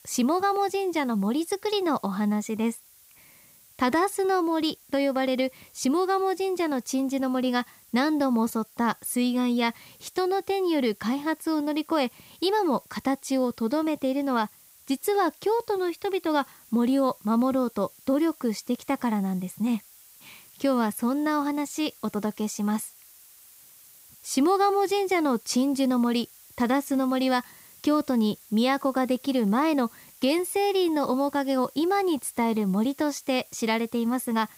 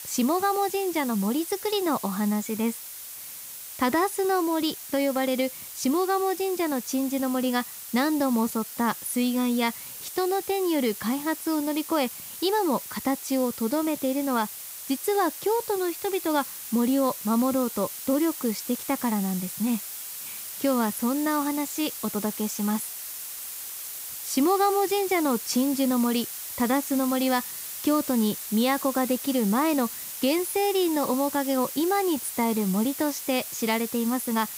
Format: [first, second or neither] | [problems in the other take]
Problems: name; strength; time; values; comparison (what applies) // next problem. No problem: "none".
first | hiss; loud; throughout; 8 dB below the speech; faint in the first